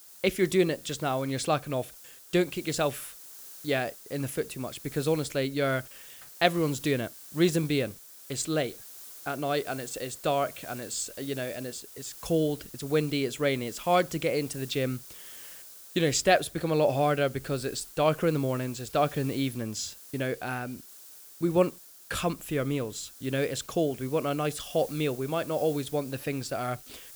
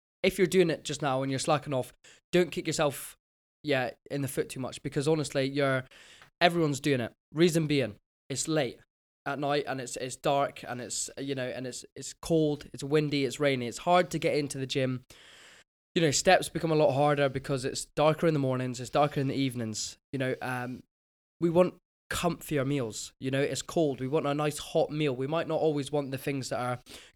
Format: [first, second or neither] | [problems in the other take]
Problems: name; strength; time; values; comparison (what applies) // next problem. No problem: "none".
second | hiss; noticeable; throughout; 15 dB below the speech